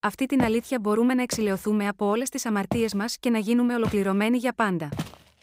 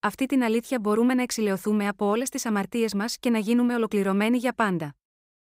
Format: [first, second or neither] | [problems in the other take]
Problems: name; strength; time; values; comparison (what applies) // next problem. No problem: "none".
second | footsteps; noticeable; peak 7 dB below the speech